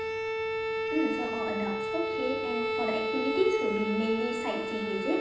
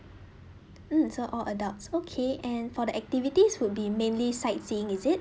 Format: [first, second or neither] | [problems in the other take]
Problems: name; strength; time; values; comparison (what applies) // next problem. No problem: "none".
second | background sound (Bowed string instrument); as loud as the speech // room echo; dies away in 0.9 s